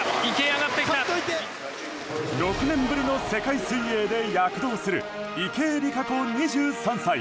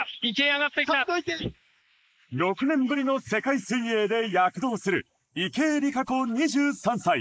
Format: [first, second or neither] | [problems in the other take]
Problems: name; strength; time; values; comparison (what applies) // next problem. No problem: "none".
first | noise reduction (neural mask model Resemble Enhance denoiser)